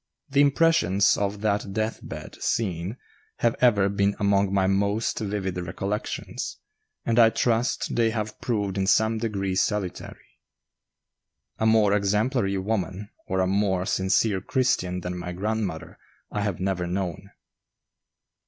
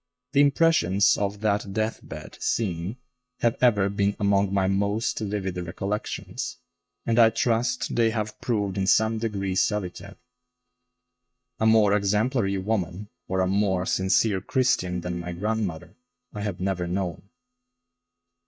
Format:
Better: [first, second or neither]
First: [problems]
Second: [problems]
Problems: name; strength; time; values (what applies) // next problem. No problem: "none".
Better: first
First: none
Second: noise reduction (neural mask model DeepFilterNet 3)